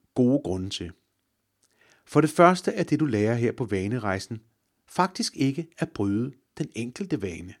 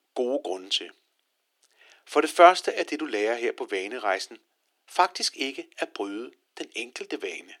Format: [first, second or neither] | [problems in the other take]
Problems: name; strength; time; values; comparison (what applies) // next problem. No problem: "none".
first | thin; very; fading below 350 Hz